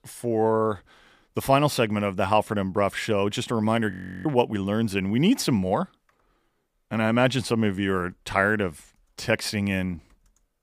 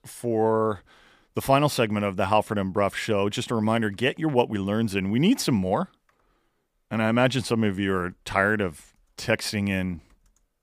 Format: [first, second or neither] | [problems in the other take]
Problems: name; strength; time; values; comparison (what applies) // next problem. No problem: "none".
second | audio freezing; at 4 s